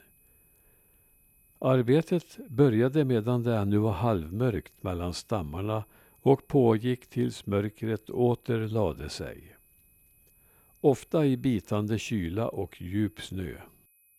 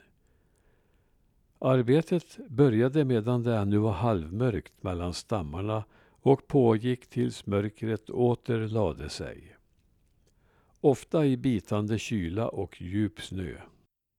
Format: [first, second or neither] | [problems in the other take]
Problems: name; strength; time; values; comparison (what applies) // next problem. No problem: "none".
second | high-pitched whine; faint; throughout; 12 kHz, 35 dB below the speech